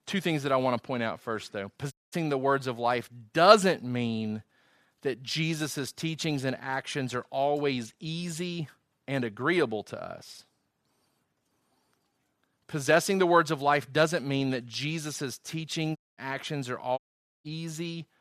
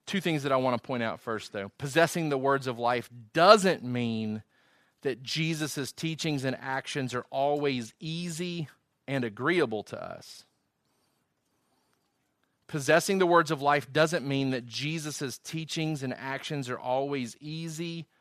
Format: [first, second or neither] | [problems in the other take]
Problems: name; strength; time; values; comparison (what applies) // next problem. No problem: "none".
second | audio cutting out; at 2 s, at 16 s and at 17 s